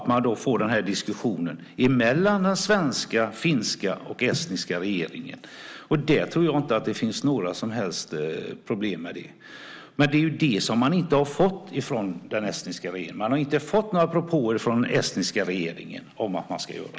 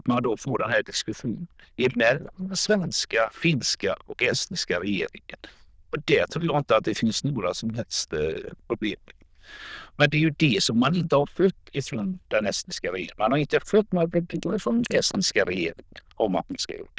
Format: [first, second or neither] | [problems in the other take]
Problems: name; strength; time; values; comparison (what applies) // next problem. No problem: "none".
first | noise reduction (neural diffusion model UNIVERSE++)